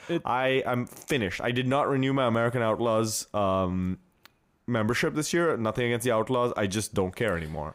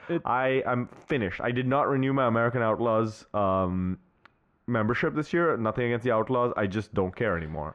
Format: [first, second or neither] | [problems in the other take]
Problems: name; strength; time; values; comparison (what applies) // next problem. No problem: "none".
first | muffled; very; fading above 2 kHz